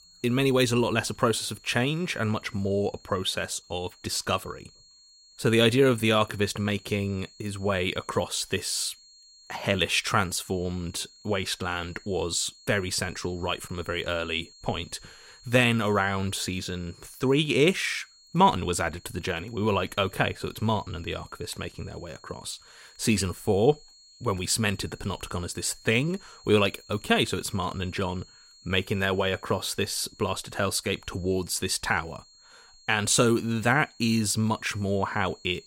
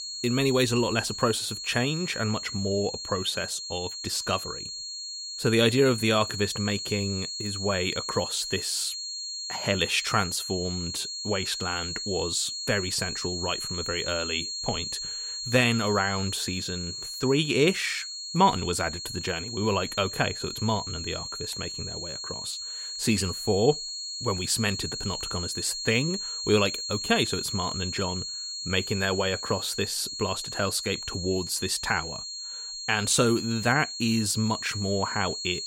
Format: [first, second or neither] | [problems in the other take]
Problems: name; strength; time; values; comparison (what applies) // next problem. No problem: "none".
first | high-pitched whine; loud; throughout; 4.5 kHz, 5 dB below the speech; faint in the first